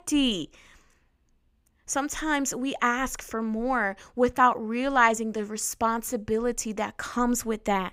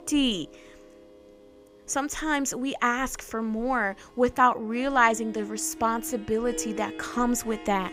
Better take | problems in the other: first | background music; noticeable; throughout; 15 dB below the speech

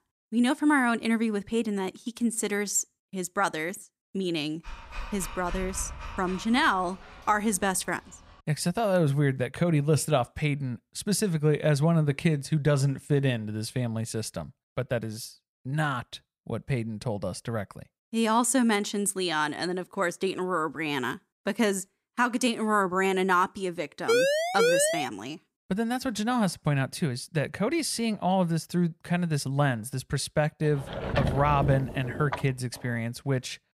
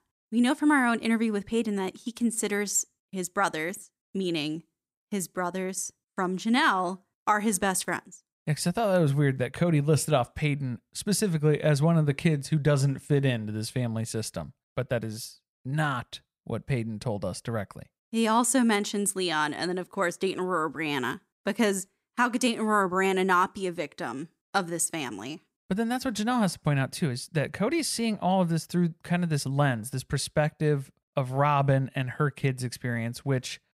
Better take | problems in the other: second | dog barking; faint; from 4.5 to 7 s; peak 10 dB below the speech // siren; loud; from 24 to 25 s; peak 4 dB above the speech // door banging; noticeable; from 31 to 32 s; peak 2 dB below the speech

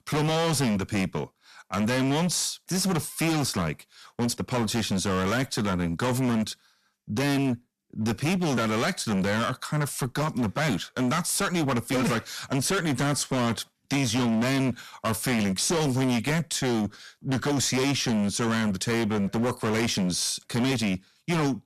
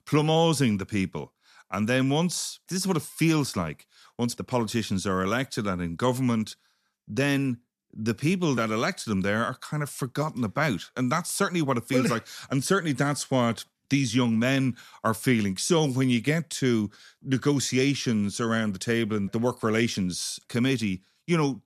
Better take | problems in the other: second | distortion; heavy; 26% of the sound clipped

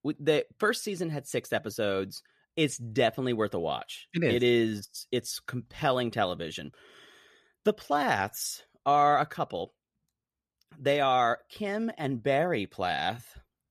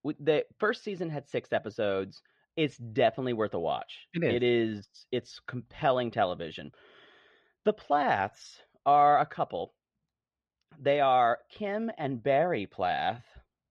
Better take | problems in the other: first | muffled; slightly; fading above 4 kHz

